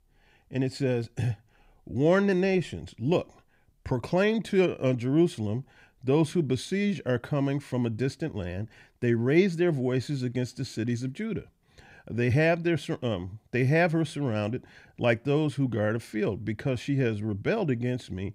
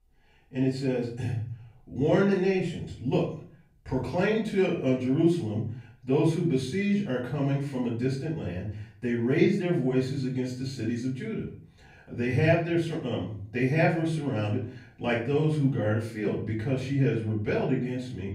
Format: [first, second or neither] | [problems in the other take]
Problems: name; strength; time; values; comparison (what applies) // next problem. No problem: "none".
first | room echo; noticeable; dies away in 0.4 s // off-mic speech; far